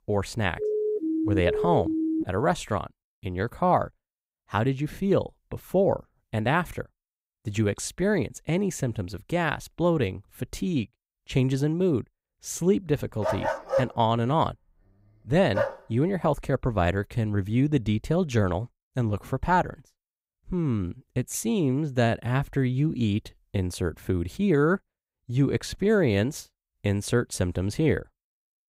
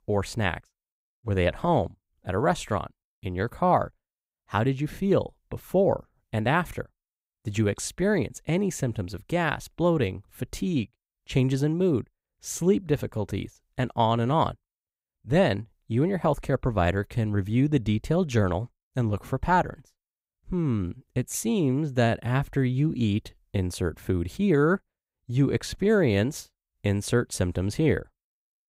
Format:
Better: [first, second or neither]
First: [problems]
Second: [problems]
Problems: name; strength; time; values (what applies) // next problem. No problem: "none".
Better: second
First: siren; noticeable; from 0.5 to 2 s; peak level with the speech // dog barking; noticeable; from 13 to 16 s; peak level with the speech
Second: none